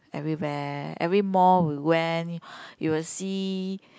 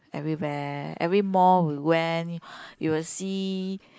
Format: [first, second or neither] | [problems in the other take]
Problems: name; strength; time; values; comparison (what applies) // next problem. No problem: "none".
first | noise reduction (neural mask model Resemble Enhance denoiser)